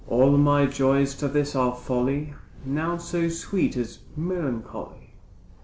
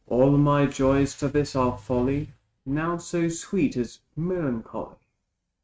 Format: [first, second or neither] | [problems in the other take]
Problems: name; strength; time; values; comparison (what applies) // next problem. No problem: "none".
first | noise reduction (neural mask model RNNoise)